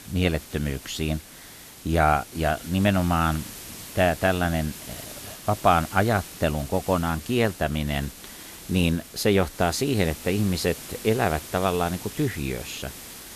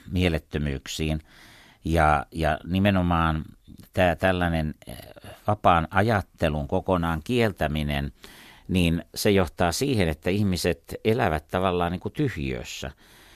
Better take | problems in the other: second | hiss; noticeable; throughout; 15 dB below the speech

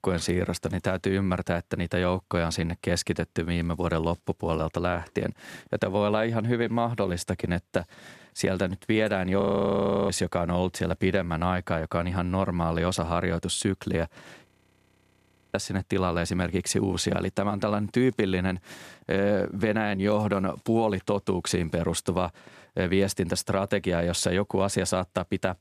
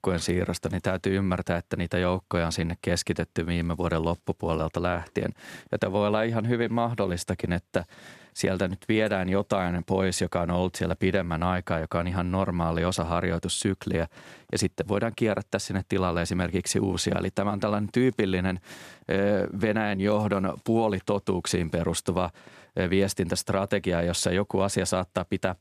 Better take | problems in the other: second | audio freezing; at 9.5 s for 0.5 s and at 14 s for 1 s

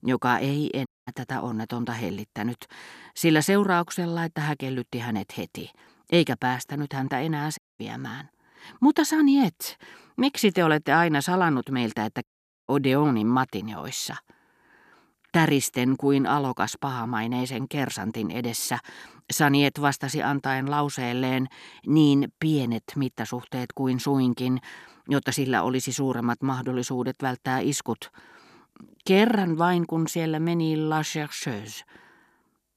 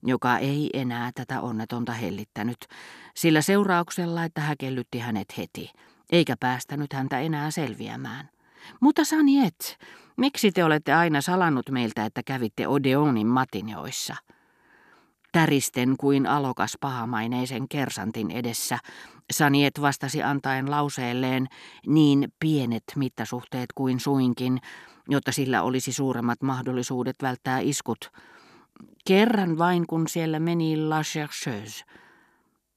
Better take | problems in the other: second | audio cutting out; at 1 s, at 7.5 s and at 12 s

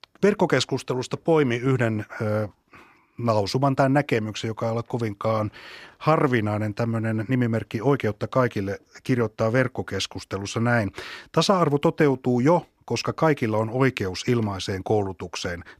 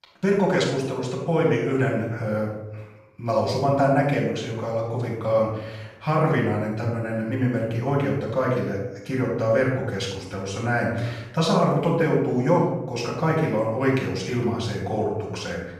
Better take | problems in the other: first | off-mic speech; far // room echo; noticeable; dies away in 0.7 s

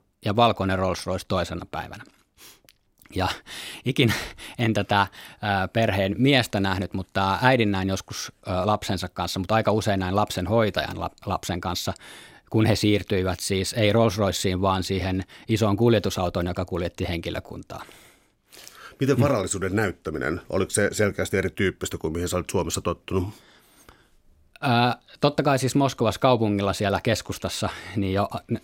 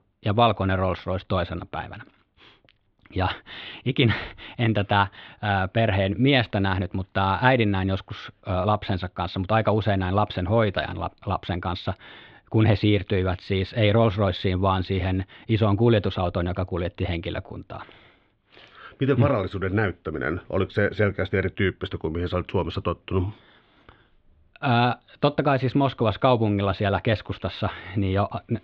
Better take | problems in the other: first | muffled; slightly; fading above 3.5 kHz

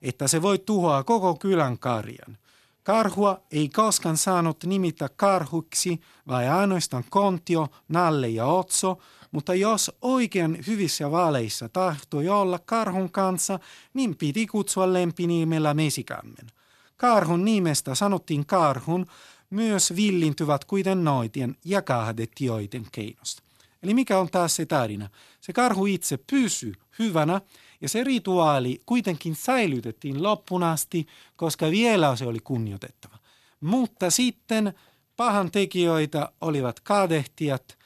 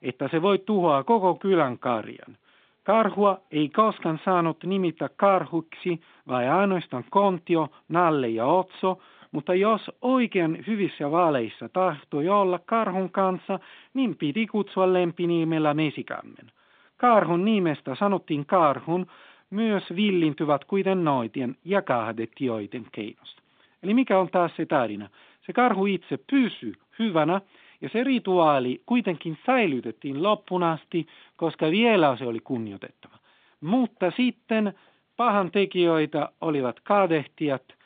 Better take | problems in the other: first | phone-call audio; nothing above 3.5 kHz

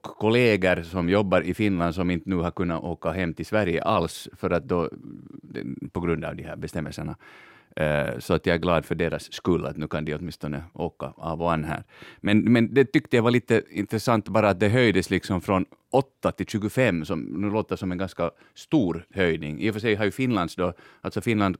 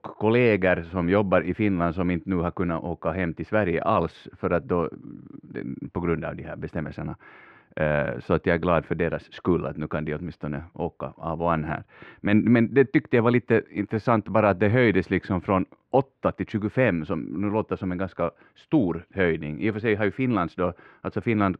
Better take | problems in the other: first | muffled; very; fading above 2 kHz

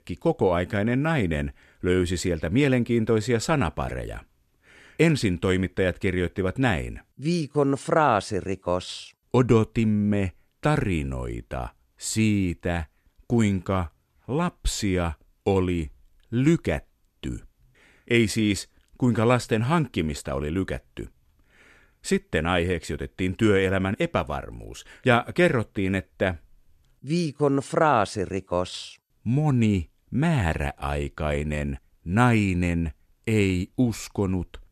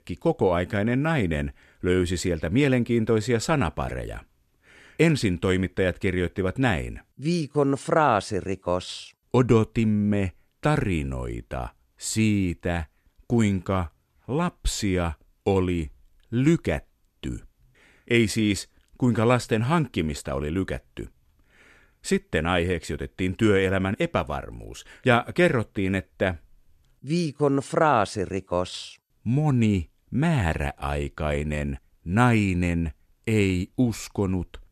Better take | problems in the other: neither | none

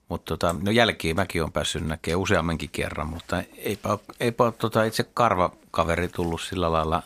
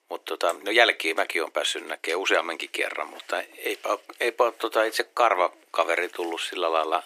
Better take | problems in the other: first | thin; very; fading below 300 Hz

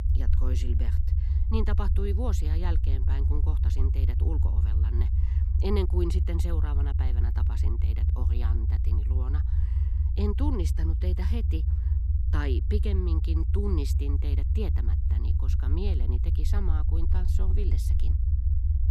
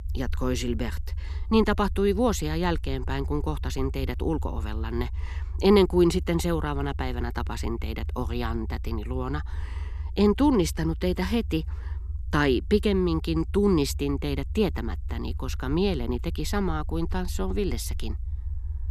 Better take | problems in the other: second | low rumble; loud; throughout; 4 dB below the speech; faint in the second

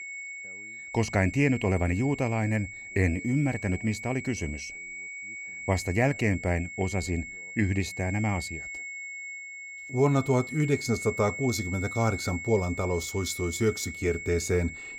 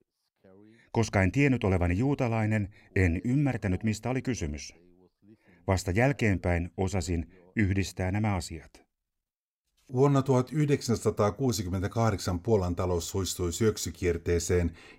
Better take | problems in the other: second | high-pitched whine; loud; throughout; 2 kHz, 9 dB below the speech

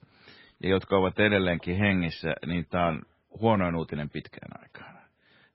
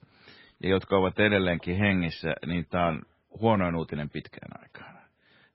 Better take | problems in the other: neither | garbled, watery; badly; nothing above 5.5 kHz; the same in both

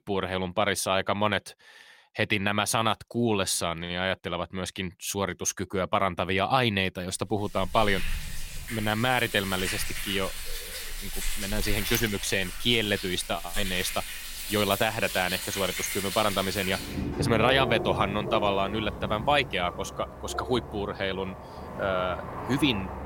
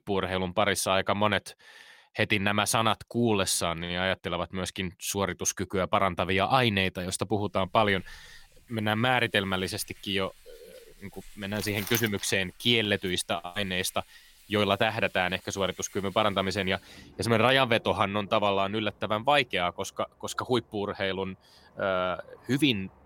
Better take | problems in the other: second | rain or running water; loud; from 8 s on; 7 dB below the speech; faint in the second

